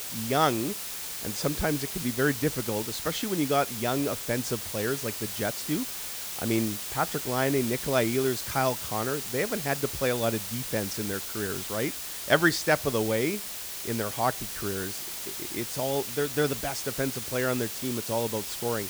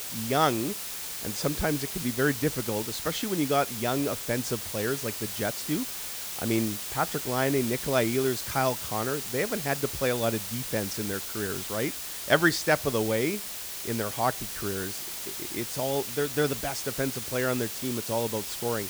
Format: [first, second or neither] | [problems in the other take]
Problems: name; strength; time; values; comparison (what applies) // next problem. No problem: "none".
neither | hiss; loud; throughout; 4 dB below the speech; the same in both